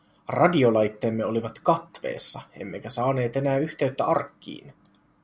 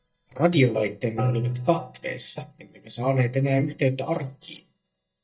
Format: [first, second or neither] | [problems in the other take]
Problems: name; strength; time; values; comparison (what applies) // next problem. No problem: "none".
first | noise reduction (neural mask model DeepFilterNet 3)